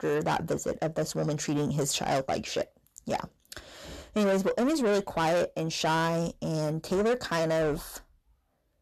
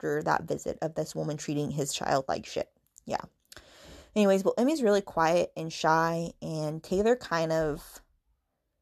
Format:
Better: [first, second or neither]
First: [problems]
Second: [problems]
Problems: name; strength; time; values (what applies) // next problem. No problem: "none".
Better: second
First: distortion; heavy; 7 dB below the speech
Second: none